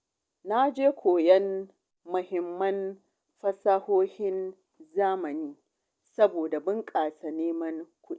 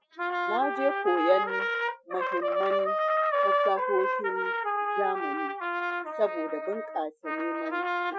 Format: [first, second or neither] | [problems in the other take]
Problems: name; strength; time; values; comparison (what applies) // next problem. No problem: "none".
first | noise reduction (classical method Wiener filter)